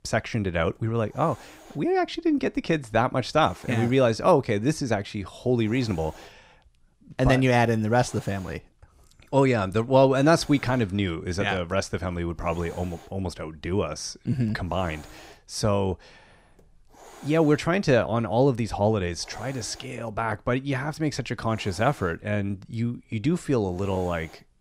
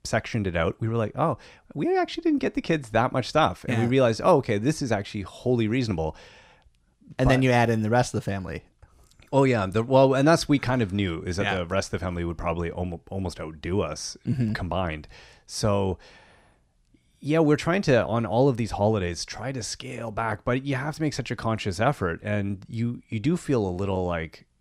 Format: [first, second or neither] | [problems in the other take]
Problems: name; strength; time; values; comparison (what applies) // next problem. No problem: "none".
second | hiss; faint; throughout; 25 dB below the speech